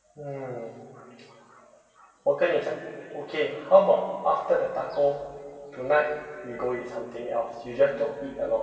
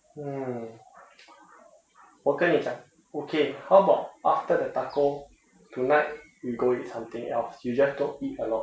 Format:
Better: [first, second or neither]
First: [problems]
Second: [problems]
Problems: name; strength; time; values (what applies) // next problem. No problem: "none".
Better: second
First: room echo; dies away in 2.7 s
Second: none